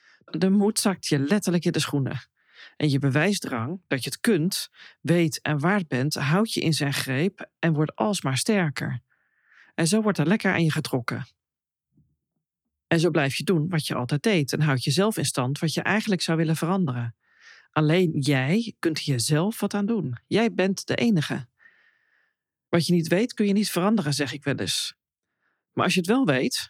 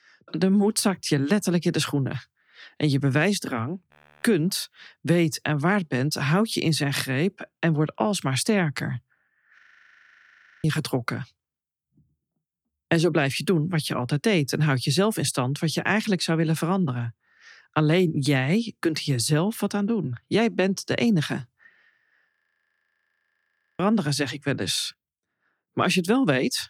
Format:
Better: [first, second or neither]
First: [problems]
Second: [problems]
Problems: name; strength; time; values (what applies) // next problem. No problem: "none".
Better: first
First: none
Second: audio freezing; at 4 s, at 9.5 s for 1 s and at 22 s for 1.5 s